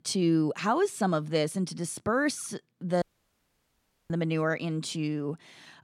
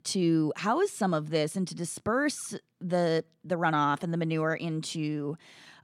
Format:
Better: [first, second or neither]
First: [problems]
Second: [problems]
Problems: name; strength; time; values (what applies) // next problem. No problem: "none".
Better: second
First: audio cutting out; at 3 s for 1 s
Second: none